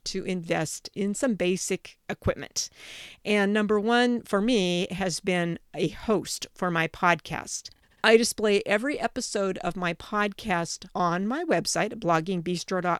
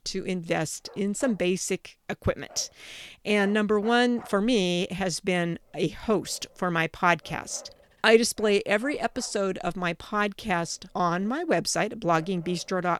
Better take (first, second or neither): first